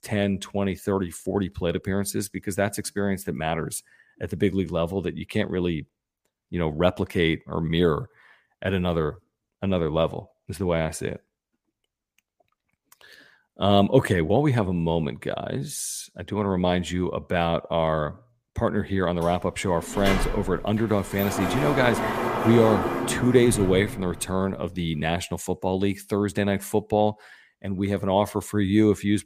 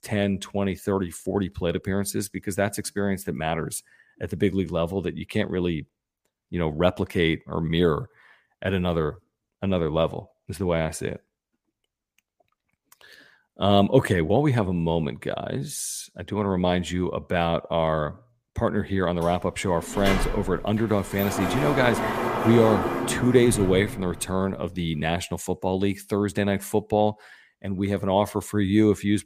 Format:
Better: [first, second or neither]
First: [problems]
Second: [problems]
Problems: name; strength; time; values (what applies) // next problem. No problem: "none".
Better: neither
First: door banging; noticeable; from 20 to 24 s; peak level with the speech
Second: door banging; noticeable; from 20 to 24 s; peak level with the speech